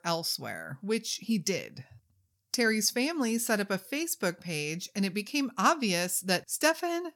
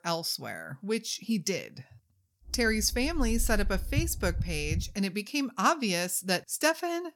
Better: first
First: none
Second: low rumble; faint; from 2.5 to 5 s; 20 dB below the speech

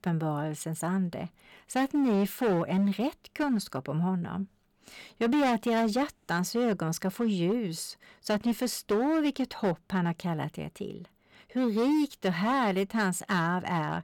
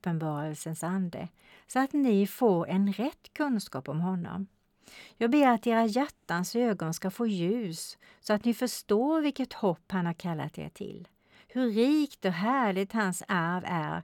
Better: second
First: distortion; slight; 9% of the sound clipped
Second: none

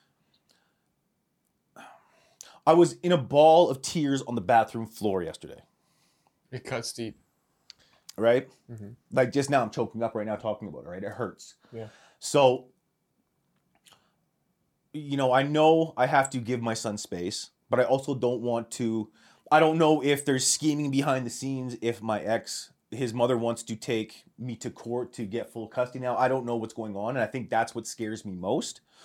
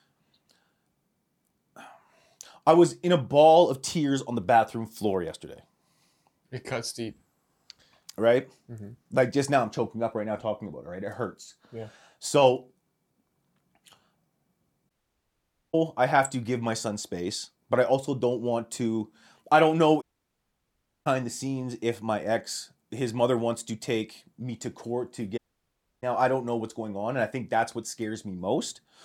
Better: first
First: none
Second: audio cutting out; at 15 s for 1 s, at 20 s for 1 s and at 25 s for 0.5 s

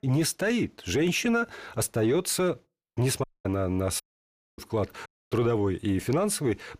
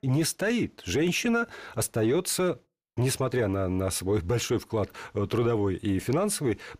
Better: second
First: audio cutting out; at 3 s, at 4 s for 0.5 s and at 5 s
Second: none

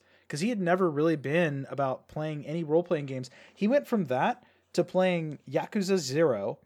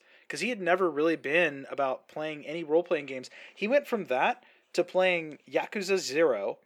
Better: first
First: none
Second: thin; somewhat; fading below 350 Hz

